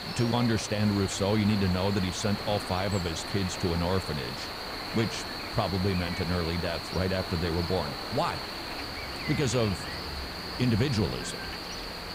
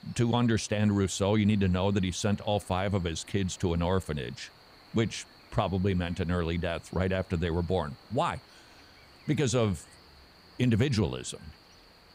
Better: second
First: animal sounds; loud; throughout; 5 dB below the speech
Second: animal sounds; faint; throughout; 25 dB below the speech

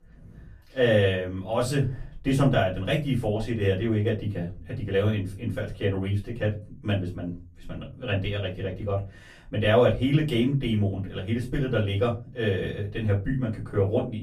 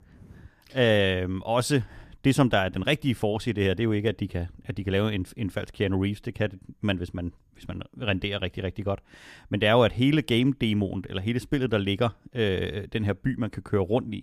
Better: second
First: off-mic speech; far // room echo; slight; dies away in 0.3 s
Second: none

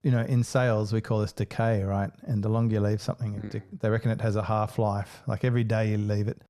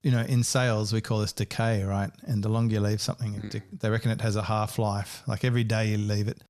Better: second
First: muffled; slightly; fading above 2.5 kHz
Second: none

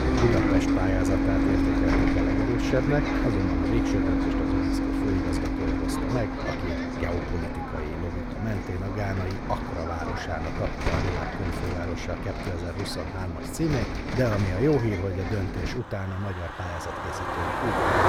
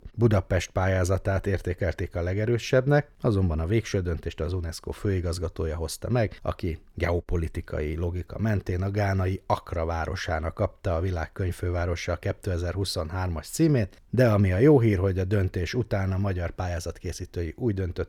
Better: second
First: traffic noise; very loud; throughout; 3 dB above the speech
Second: none

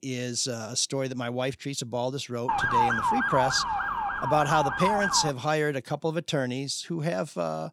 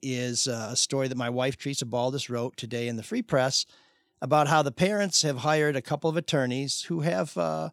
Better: second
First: siren; loud; from 2.5 to 5.5 s; peak 5 dB above the speech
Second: none

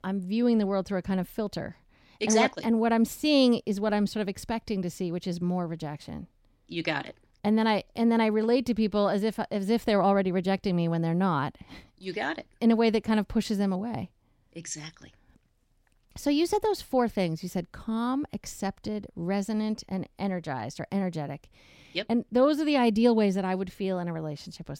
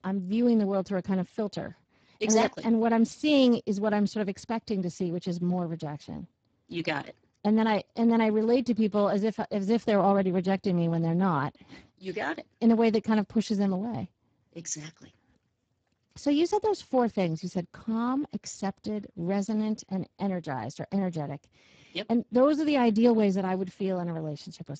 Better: first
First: none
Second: garbled, watery; badly

